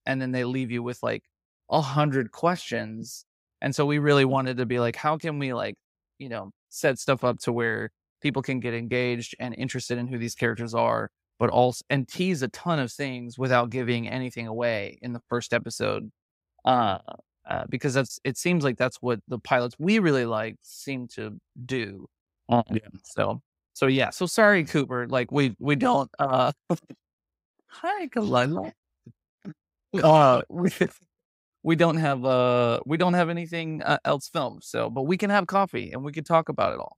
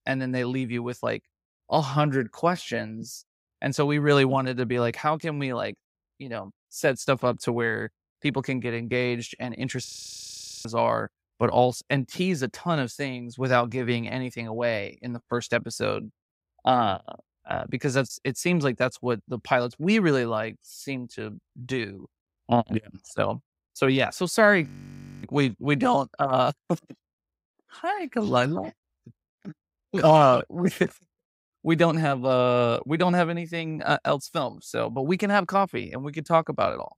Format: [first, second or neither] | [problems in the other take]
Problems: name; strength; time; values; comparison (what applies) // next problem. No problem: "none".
first | audio freezing; at 10 s for 1 s and at 25 s for 0.5 s